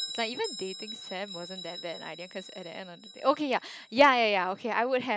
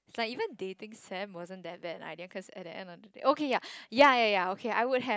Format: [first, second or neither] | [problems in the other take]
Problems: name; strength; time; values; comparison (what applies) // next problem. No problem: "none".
second | background sound (Bell); 15 dB below the speech